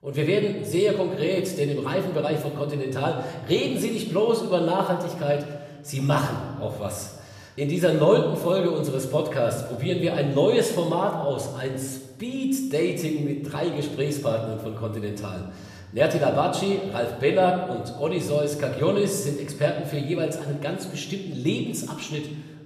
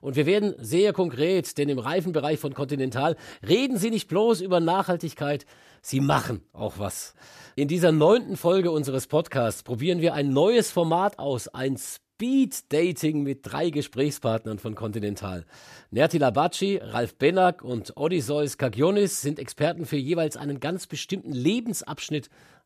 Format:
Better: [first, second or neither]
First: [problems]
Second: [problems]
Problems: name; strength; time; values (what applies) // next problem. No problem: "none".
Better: second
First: room echo; slight; dies away in 1.1 s // off-mic speech; somewhat distant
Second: none